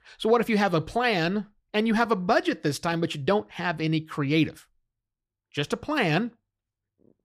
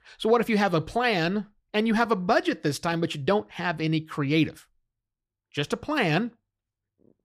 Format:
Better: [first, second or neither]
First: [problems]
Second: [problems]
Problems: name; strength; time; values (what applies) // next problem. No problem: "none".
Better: neither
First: none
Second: none